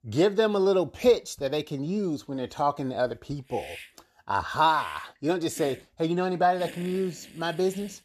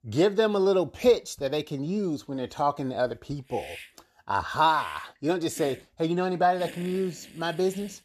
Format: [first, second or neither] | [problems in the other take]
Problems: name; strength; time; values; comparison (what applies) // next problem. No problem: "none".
neither | hiss; noticeable; from 3 s on; 20 dB below the speech; the same in both